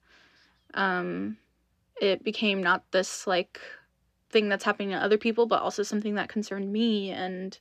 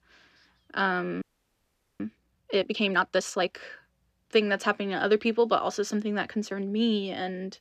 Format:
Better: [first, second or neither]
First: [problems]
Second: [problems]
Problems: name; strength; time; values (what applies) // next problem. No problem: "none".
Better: first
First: none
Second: audio freezing; at 1 s for 1 s